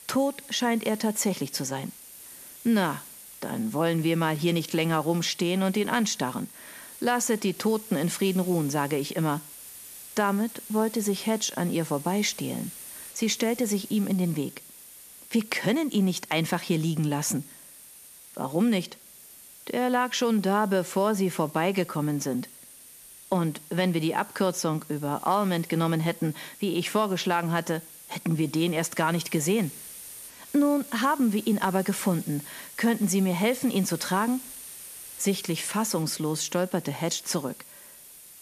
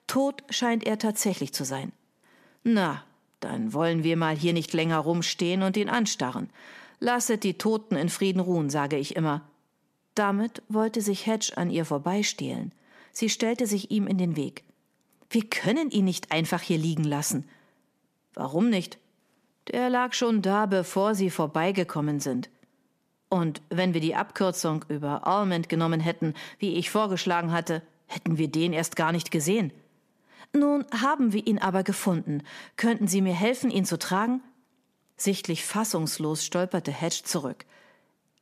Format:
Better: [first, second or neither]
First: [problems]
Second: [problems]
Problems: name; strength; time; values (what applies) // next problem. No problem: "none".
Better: second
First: hiss; noticeable; throughout; 15 dB below the speech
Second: none